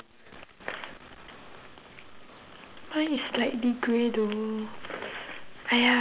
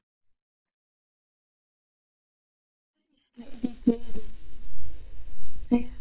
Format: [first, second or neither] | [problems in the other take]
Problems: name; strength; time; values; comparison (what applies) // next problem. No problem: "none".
first | noise reduction (neural mask model DeepFilterNet 3)